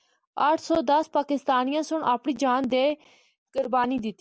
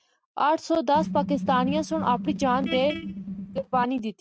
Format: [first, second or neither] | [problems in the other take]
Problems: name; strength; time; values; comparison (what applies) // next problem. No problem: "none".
first | noise reduction (neural mask model RNNoise)